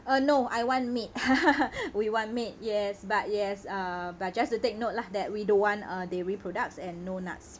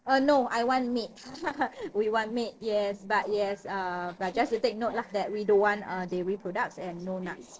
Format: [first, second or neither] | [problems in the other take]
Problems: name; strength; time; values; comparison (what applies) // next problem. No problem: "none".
first | noise reduction (neural separator model SepFormer DNS4)